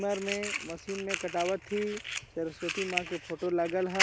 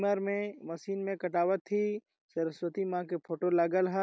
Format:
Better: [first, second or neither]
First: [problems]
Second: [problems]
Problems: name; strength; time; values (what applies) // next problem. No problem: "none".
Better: second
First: background sound (Fire); 1 dB above the speech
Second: none